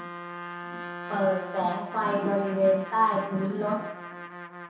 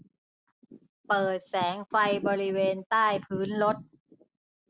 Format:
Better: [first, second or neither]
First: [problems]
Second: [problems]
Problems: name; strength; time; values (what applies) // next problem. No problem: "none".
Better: second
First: background sound (Trumpet); 11 dB below the speech // room echo; dies away in 0.7 s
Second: none